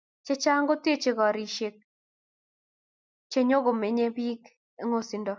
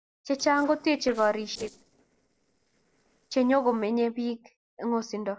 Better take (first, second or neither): first